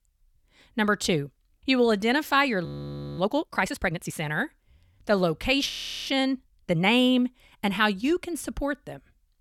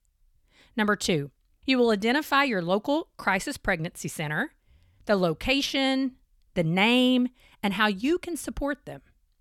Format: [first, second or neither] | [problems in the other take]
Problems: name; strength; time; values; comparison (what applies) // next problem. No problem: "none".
second | audio freezing; at 2.5 s for 0.5 s and at 5.5 s